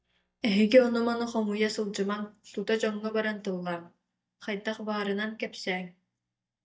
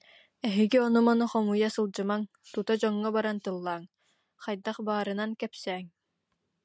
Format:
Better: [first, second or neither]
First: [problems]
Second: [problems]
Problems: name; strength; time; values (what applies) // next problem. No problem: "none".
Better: second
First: noise reduction (neural mask model DeepFilterNet 3)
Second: none